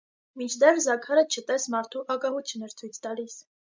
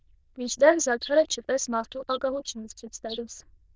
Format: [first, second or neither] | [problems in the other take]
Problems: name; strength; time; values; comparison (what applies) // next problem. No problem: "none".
first | noise reduction (neural diffusion model UNIVERSE++)